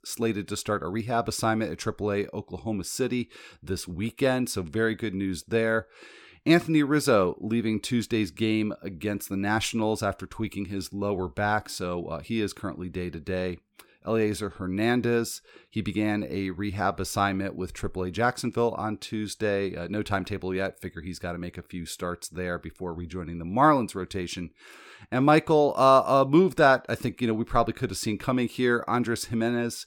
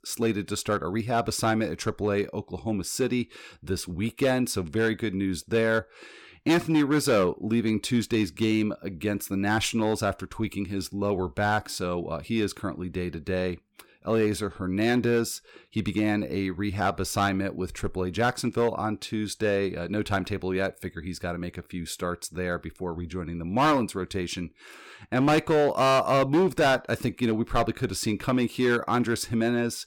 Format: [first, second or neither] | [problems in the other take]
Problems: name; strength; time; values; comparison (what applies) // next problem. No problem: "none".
first | distortion; slight; 4% of the sound clipped